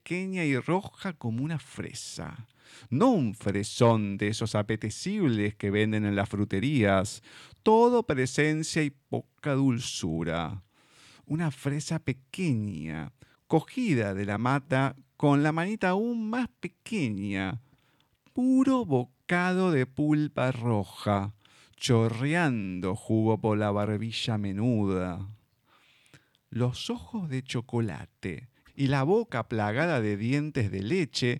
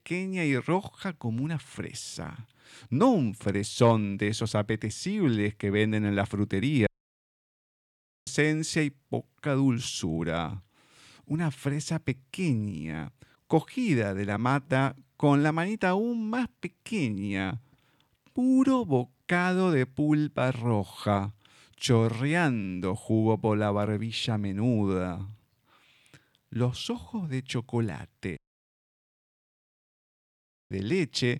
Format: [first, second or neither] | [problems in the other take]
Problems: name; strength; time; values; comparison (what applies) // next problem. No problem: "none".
first | audio cutting out; at 7 s for 1.5 s and at 28 s for 2.5 s